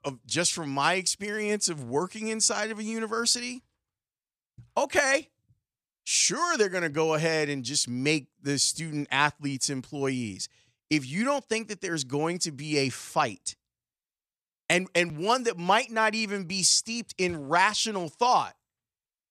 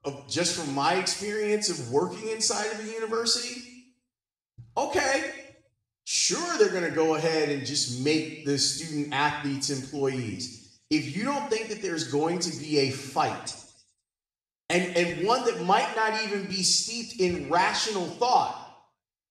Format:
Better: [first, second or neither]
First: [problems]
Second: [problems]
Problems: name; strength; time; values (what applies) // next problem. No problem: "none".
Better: first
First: none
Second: room echo; noticeable; dies away in 0.8 s // off-mic speech; somewhat distant